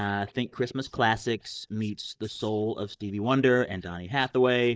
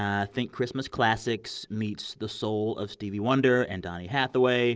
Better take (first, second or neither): second